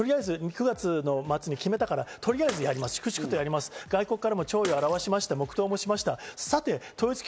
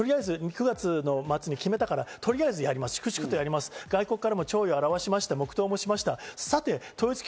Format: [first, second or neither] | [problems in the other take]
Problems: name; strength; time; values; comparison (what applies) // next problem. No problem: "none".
second | background sound (Bathtub (filling or washing) / Water / Splash, splatter); 17 dB below the speech